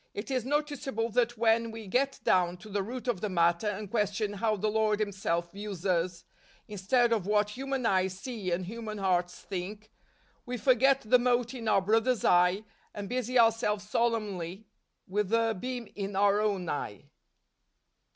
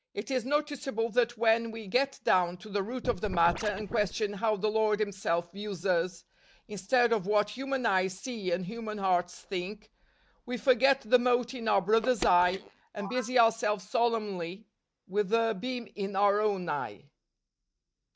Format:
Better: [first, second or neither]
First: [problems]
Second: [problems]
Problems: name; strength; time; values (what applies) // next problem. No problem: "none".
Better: first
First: none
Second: noise reduction (neural mask model DeepFilterNet 3)